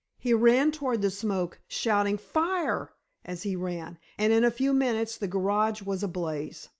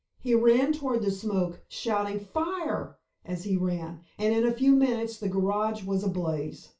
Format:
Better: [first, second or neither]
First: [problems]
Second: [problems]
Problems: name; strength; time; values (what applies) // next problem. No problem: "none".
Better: first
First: none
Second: room echo; dies away in 0.2 s